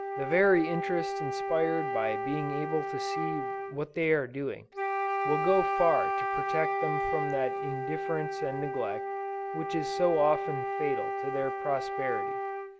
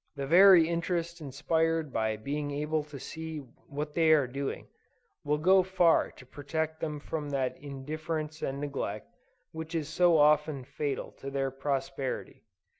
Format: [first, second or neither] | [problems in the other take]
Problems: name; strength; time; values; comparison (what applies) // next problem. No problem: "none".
second | background sound (Wind instrument, woodwind instrument); 1 dB below the speech